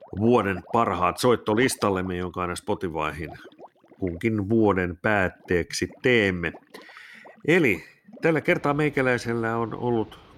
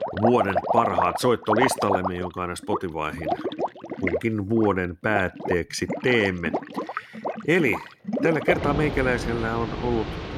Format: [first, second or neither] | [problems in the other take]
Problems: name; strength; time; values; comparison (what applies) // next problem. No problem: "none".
first | rain or running water; loud; throughout; 4 dB below the speech; faint in the first